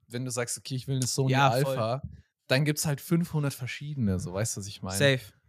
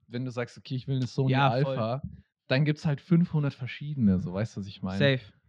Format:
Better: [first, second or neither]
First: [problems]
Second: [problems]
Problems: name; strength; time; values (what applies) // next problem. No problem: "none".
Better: first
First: none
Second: muffled; slightly; fading above 4 kHz